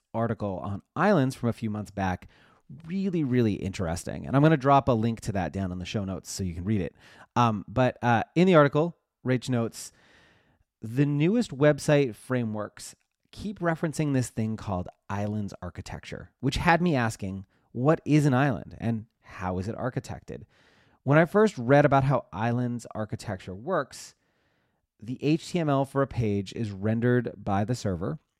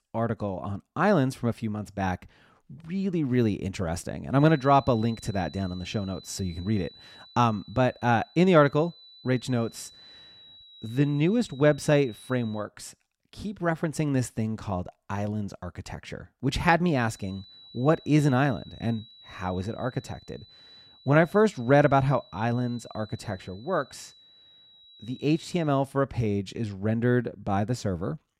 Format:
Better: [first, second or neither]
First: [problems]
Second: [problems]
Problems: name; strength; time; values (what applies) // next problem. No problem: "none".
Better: first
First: none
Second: high-pitched whine; faint; from 4.5 to 13 s and from 17 to 26 s; 4 kHz, 25 dB below the speech